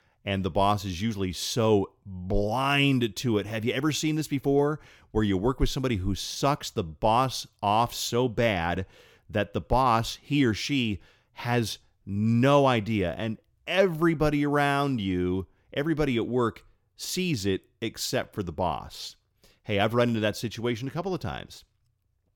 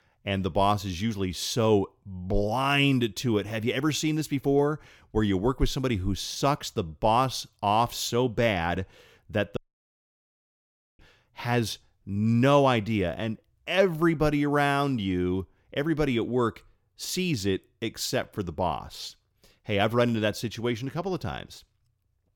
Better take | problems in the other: first | audio cutting out; at 9.5 s for 1.5 s

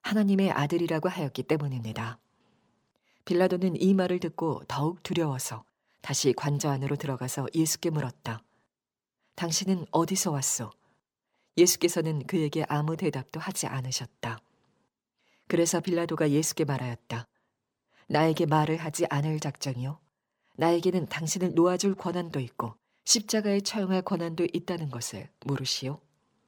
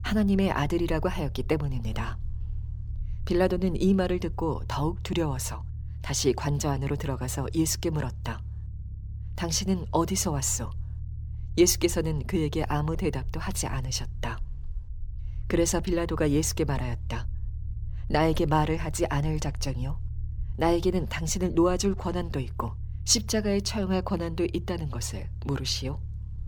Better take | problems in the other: first | low rumble; faint; throughout; 25 dB below the speech

